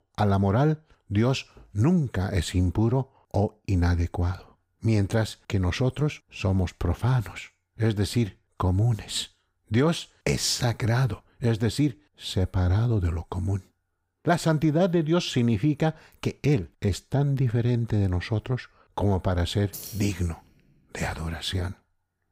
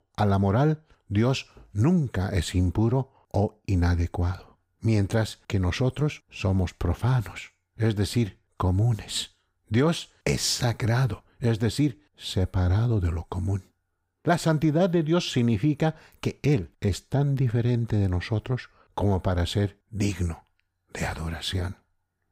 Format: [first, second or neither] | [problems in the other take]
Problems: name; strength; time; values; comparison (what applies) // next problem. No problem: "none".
second | jangling keys; faint; at 20 s; peak 10 dB below the speech